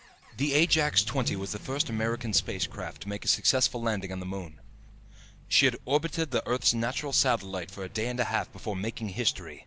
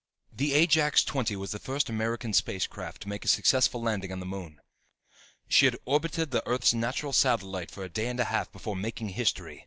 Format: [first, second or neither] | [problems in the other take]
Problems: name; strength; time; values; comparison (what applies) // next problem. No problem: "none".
second | background sound (Accelerating, revving, vroom / Vehicle); 16 dB below the speech